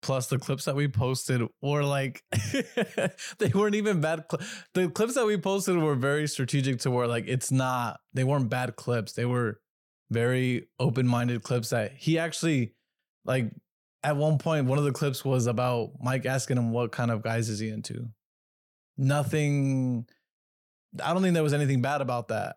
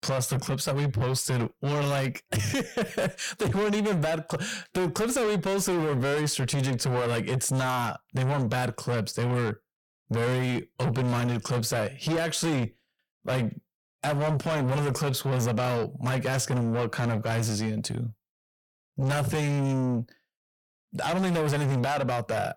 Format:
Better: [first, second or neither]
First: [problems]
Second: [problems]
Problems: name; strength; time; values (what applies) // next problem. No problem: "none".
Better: first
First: none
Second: distortion; heavy; 7 dB below the speech